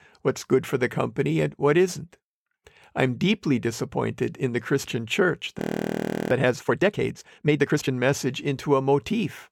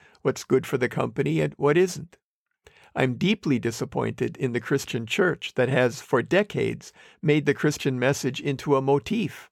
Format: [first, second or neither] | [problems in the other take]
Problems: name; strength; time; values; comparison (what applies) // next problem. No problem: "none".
second | audio freezing; at 5.5 s for 0.5 s